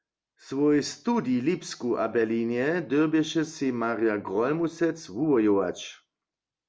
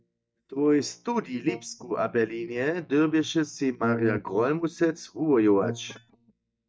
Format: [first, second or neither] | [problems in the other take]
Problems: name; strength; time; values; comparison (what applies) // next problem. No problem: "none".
first | noise reduction (neural mask model DeepFilterNet 3)